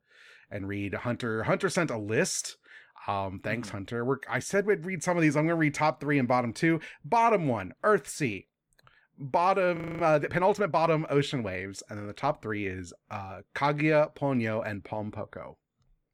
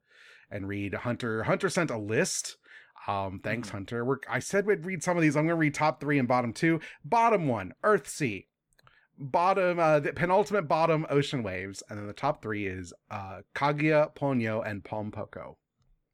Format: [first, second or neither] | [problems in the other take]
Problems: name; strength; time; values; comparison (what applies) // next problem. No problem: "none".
second | audio freezing; at 10 s